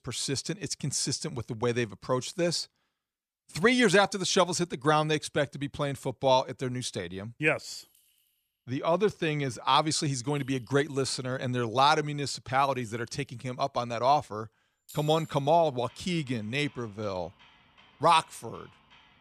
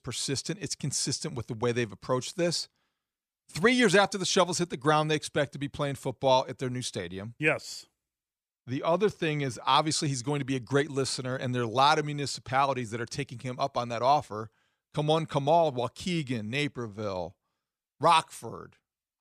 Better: second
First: household noises; faint; from 6 s on; 30 dB below the speech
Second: none

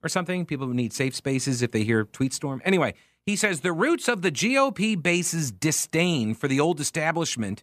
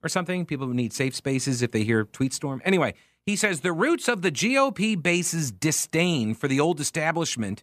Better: neither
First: none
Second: none

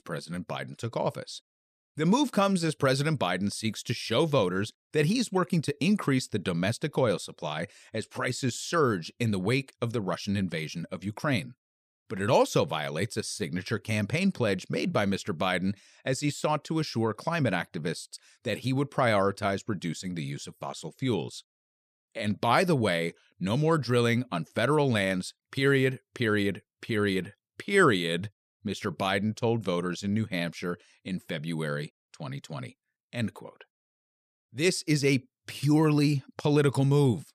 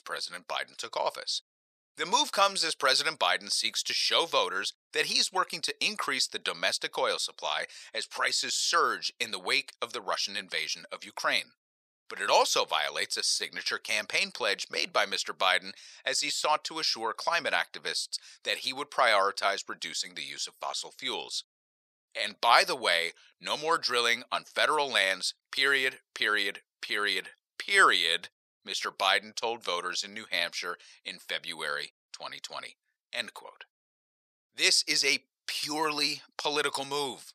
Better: first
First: none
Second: thin; very; fading below 850 Hz

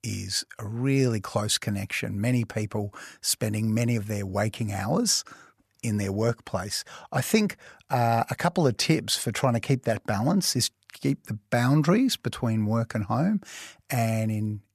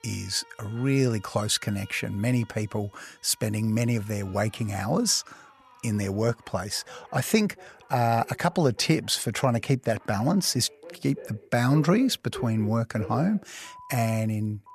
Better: first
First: none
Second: alarms or sirens; faint; throughout; 20 dB below the speech

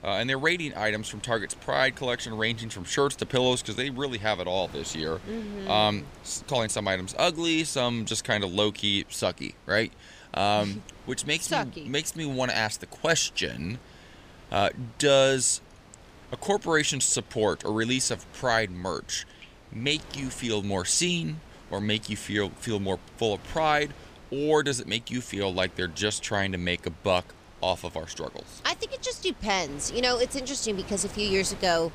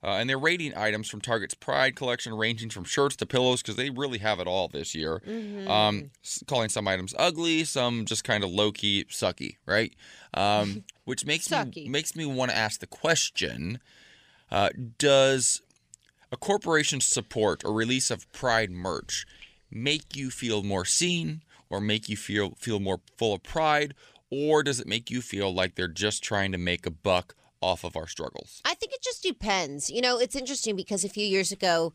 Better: second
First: wind noise on the microphone; occasional gusts; 25 dB below the speech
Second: none

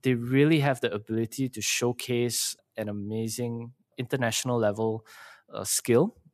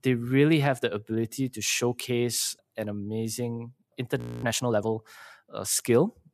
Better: first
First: none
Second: audio freezing; at 4 s

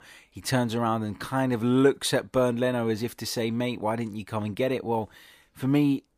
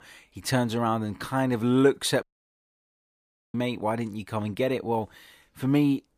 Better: first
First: none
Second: audio cutting out; at 2 s for 1.5 s

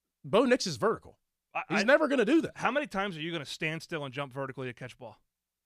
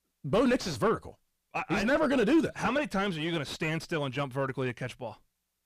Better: first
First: none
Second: distortion; heavy; 6 dB below the speech

